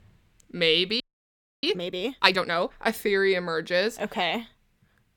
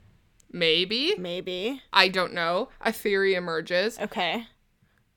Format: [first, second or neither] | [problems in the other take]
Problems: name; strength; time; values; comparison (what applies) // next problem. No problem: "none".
second | audio freezing; at 1 s for 0.5 s